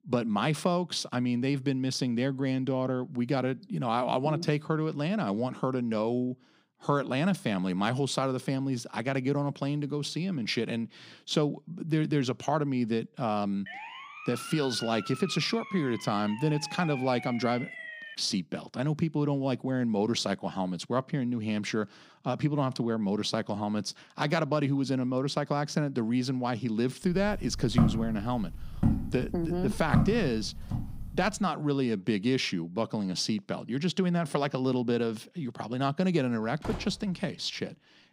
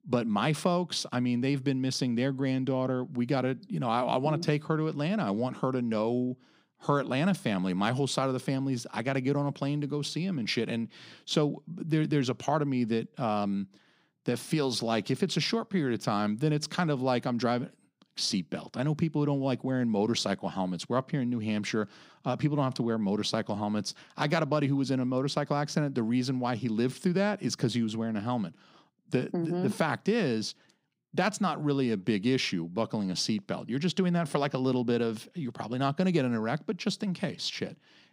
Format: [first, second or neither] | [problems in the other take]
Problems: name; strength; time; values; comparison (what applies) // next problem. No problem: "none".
second | siren; noticeable; from 14 to 18 s; peak 9 dB below the speech // footsteps; loud; from 27 to 31 s; peak 3 dB above the speech // door banging; noticeable; at 36 s; peak 10 dB below the speech